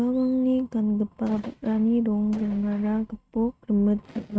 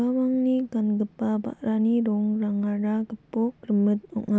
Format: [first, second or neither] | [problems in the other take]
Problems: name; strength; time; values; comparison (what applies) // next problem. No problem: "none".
second | noise reduction (neural mask model RNNoise)